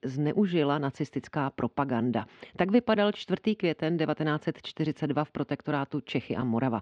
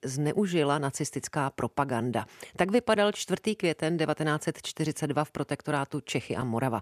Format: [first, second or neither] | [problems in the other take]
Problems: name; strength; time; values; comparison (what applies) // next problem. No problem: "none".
second | muffled; slightly; fading above 4 kHz